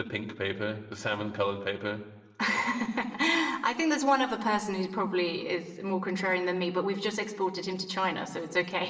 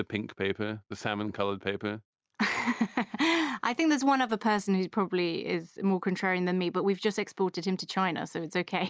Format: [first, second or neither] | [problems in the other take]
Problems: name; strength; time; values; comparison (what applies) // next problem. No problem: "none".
second | room echo; dies away in 1.1 s